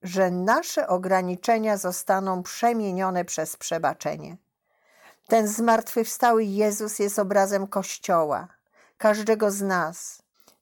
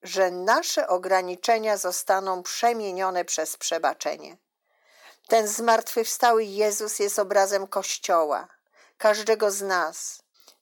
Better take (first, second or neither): first